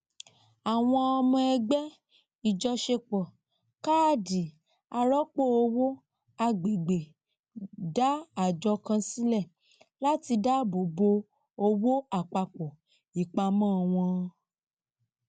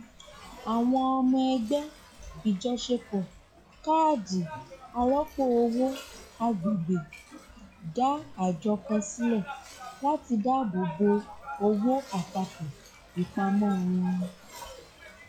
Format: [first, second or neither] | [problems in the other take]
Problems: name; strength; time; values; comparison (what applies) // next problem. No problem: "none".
first | noise reduction (classical method log-MMSE)